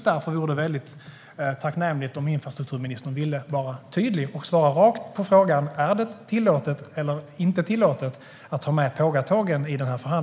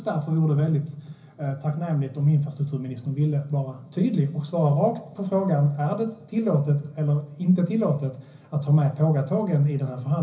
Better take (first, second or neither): first